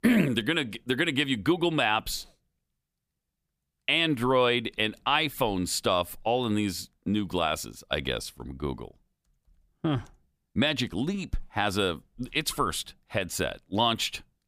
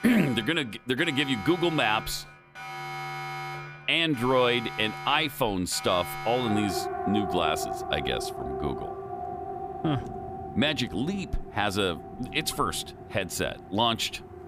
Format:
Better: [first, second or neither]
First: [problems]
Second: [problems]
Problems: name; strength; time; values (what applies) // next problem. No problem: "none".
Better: first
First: none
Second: alarms or sirens; loud; throughout; 9 dB below the speech